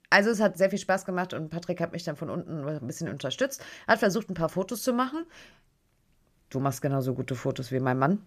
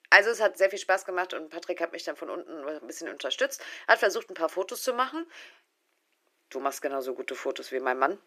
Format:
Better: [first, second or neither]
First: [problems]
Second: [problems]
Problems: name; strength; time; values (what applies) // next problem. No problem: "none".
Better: first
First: none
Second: thin; very; fading below 350 Hz